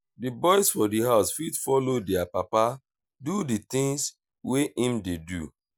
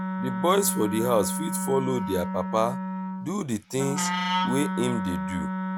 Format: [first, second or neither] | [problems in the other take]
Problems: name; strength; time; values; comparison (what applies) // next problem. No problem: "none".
first | background sound (Wind instrument, woodwind instrument); 2 dB below the speech